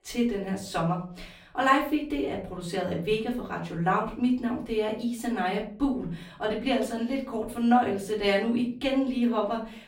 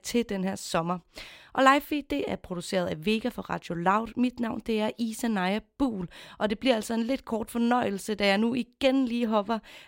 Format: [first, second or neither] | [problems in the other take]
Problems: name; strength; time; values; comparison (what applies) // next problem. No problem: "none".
second | off-mic speech; far // room echo; slight; dies away in 0.4 s